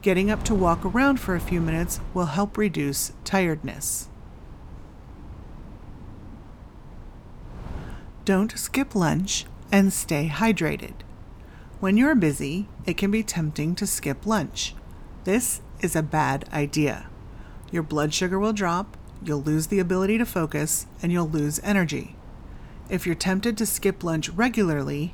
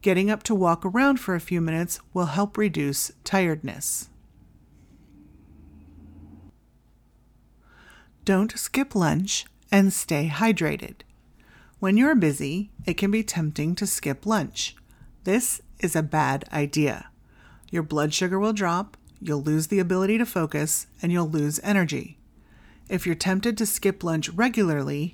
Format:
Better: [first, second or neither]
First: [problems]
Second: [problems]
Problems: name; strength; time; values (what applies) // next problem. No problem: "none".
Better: second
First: wind noise on the microphone; occasional gusts; 20 dB below the speech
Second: none